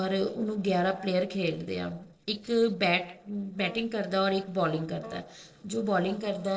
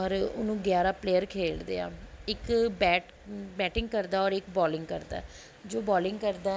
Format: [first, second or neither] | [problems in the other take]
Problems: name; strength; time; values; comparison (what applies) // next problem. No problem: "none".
second | noise reduction (neural separator model SepFormer DNS4)